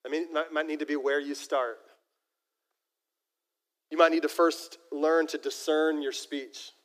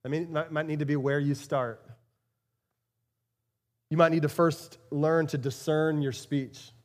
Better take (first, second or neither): second